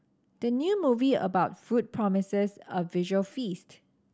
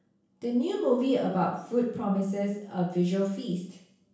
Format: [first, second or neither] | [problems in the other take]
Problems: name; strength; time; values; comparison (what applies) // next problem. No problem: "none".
first | room echo; dies away in 0.7 s